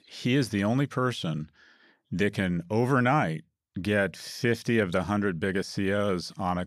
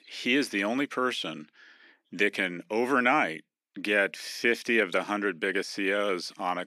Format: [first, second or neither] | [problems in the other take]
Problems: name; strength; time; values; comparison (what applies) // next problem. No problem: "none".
first | thin; very slightly; fading below 300 Hz